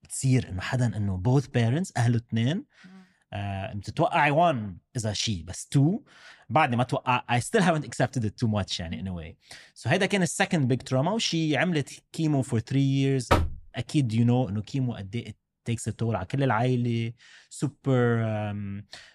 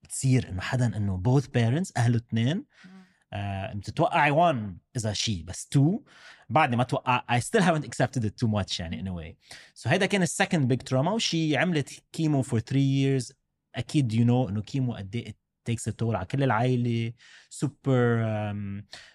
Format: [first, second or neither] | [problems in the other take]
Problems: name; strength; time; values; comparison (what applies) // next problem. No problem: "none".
second | door banging; loud; at 13 s; peak 1 dB above the speech